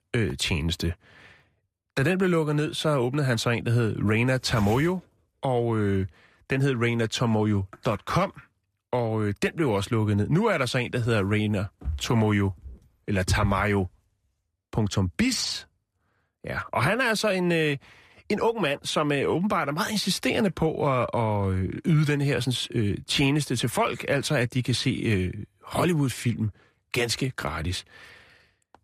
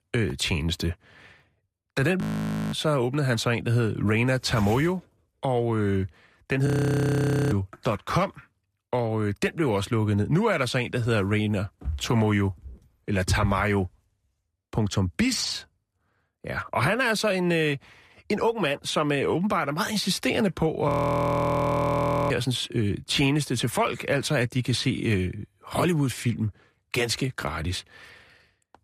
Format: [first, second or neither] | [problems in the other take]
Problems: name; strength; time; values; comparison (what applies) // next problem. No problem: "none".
first | audio freezing; at 2 s for 0.5 s, at 6.5 s for 1 s and at 21 s for 1.5 s